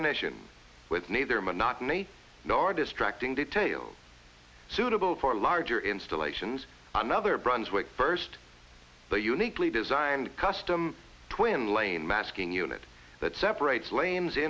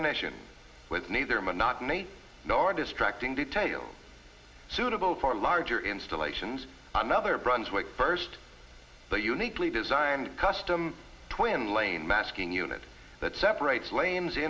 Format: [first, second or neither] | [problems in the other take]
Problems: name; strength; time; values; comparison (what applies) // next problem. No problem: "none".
first | room echo; dies away in 1.3 s